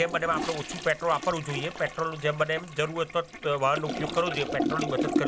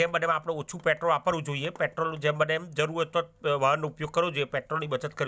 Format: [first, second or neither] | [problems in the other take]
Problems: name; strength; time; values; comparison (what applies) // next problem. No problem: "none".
second | background sound (Toilet flush); 5 dB below the speech